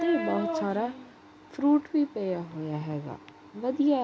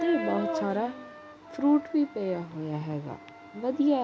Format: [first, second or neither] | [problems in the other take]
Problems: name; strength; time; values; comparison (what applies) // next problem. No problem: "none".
first | background sound (Wind instrument, woodwind instrument); 18 dB below the speech